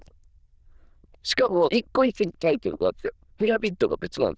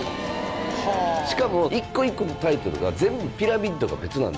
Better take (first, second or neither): second